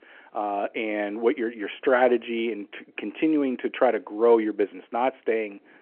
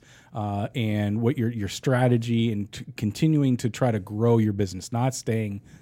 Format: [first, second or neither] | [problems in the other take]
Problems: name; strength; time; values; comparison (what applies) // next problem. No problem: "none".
second | phone-call audio